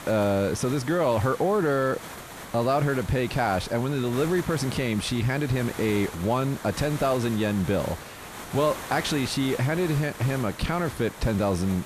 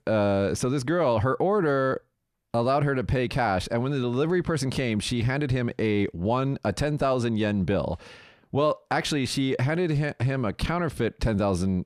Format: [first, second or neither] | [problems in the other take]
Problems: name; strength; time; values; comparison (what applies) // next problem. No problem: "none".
second | hiss; noticeable; throughout; 15 dB below the speech